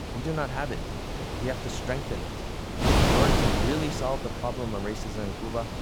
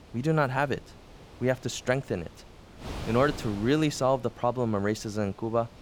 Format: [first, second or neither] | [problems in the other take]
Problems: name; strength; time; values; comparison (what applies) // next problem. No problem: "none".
second | wind noise on the microphone; heavy; 3 dB above the speech; occasional gusts in the second